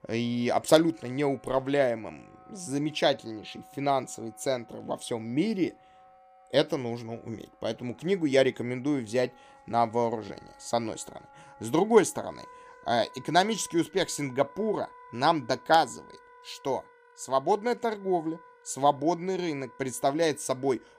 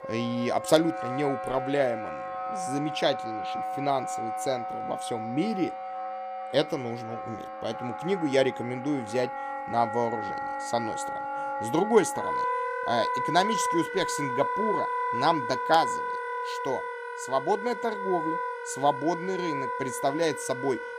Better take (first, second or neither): first